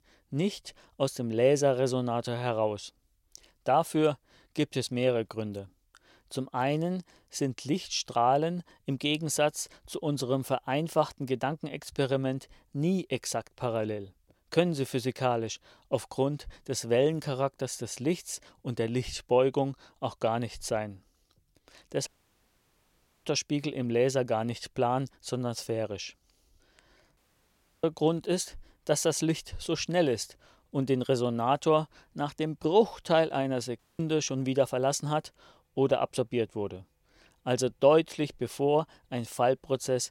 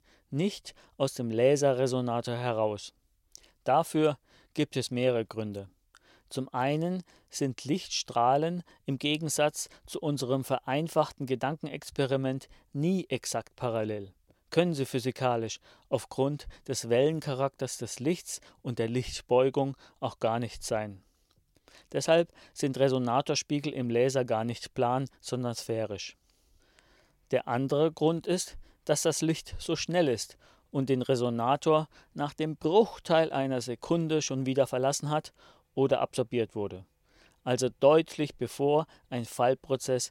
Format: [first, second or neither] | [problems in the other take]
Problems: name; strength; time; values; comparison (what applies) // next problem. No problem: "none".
second | audio cutting out; at 22 s for 1 s, at 27 s for 0.5 s and at 34 s